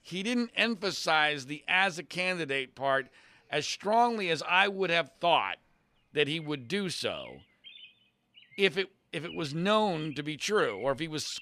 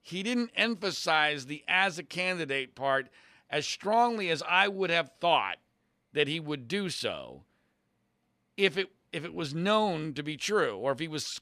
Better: second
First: animal sounds; faint; throughout; 20 dB below the speech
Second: none

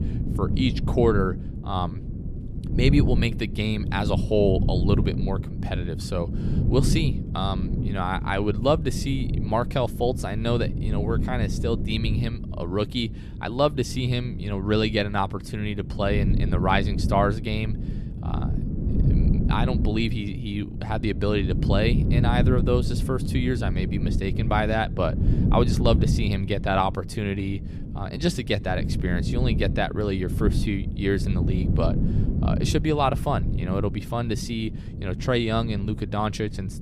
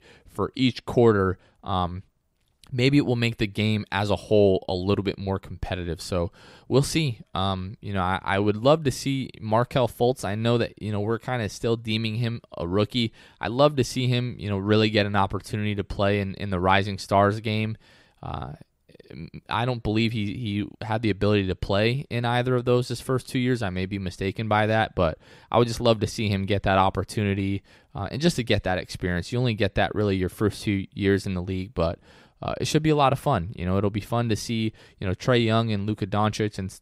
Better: second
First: wind noise on the microphone; heavy; 10 dB below the speech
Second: none

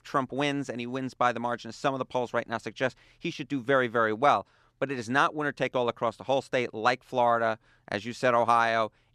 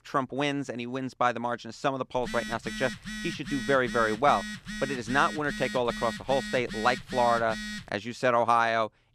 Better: first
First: none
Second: phone ringing; noticeable; from 2 to 8 s; peak 8 dB below the speech

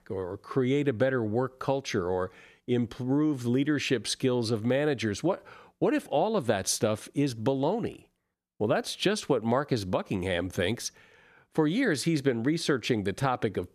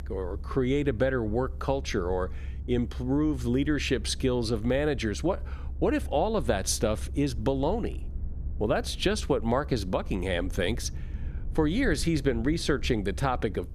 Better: first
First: none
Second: low rumble; faint; throughout; 25 dB below the speech

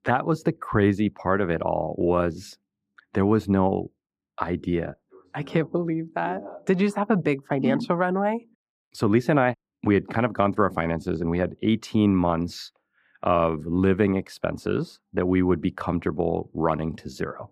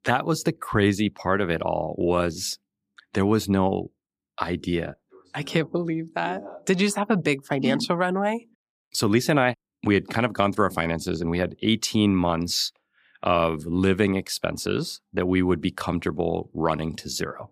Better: second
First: muffled; slightly; fading above 2.5 kHz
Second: none

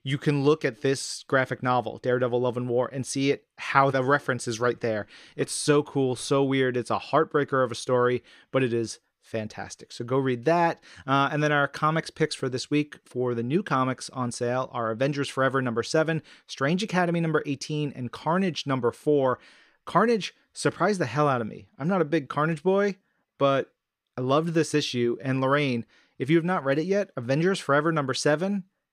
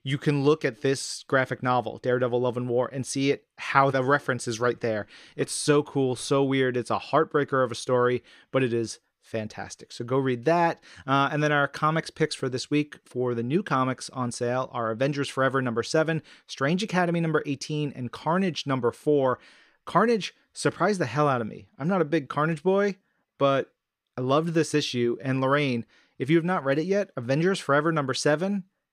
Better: neither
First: none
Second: none

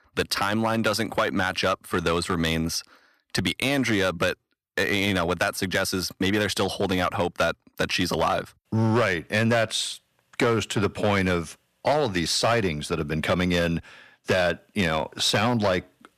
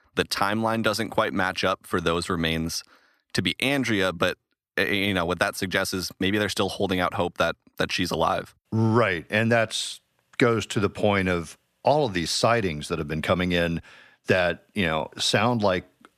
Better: second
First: distortion; slight; 5% of the sound clipped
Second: none

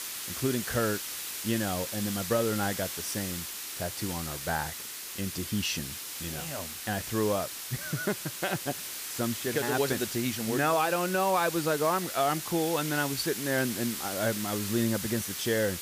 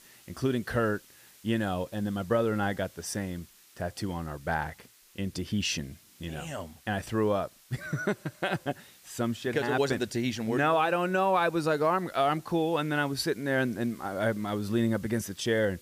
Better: second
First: hiss; loud; throughout; 4 dB below the speech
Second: hiss; faint; throughout; 25 dB below the speech

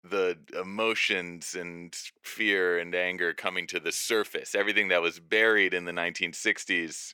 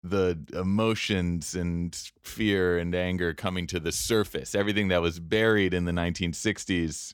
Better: second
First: thin; very; fading below 450 Hz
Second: none

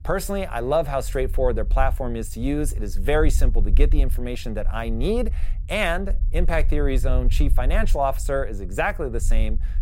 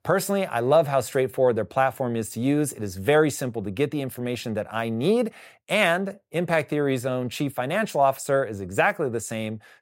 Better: second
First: low rumble; faint; throughout; 25 dB below the speech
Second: none

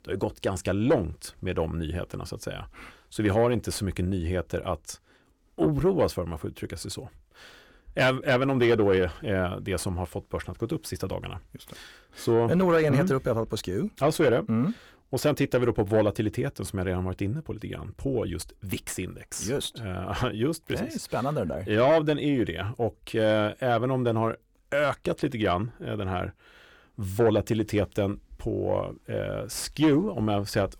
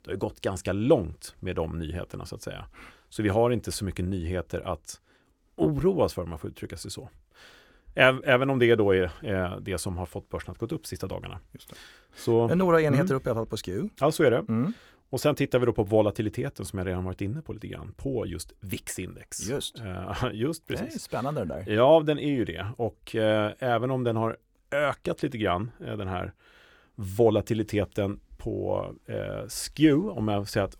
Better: second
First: distortion; slight; 10 dB below the speech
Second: none

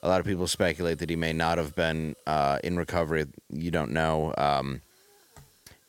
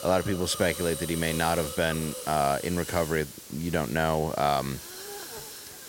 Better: first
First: hiss; faint; throughout; 30 dB below the speech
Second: hiss; loud; throughout; 9 dB below the speech

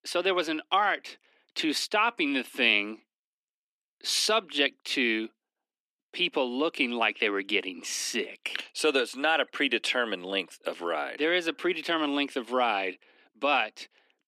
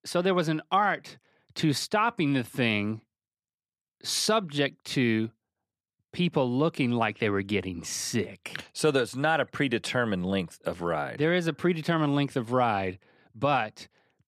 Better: second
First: thin; very slightly; fading below 250 Hz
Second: none

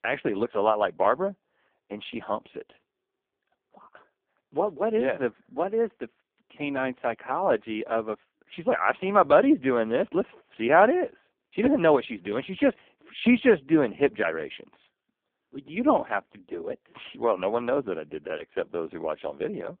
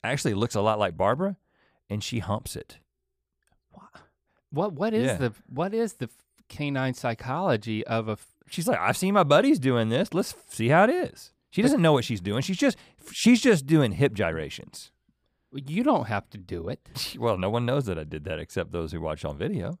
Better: second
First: phone-call audio; poor line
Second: none

